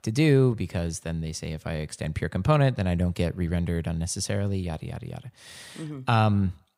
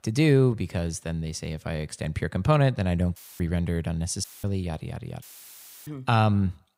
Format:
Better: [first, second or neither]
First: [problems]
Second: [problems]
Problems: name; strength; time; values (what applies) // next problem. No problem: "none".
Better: first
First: none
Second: audio cutting out; filled with static; at 3 s, at 4 s and at 5 s for 0.5 s